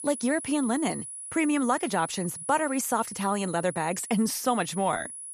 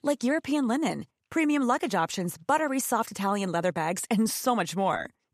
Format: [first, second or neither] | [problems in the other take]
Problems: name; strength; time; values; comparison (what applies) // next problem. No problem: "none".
second | high-pitched whine; loud; throughout; 10 kHz, 9 dB below the speech